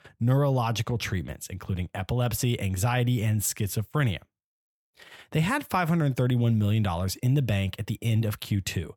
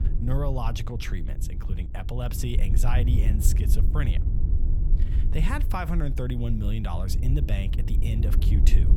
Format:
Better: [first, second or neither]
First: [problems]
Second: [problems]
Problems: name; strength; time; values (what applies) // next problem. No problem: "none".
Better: first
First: none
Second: wind noise on the microphone; heavy; 8 dB below the speech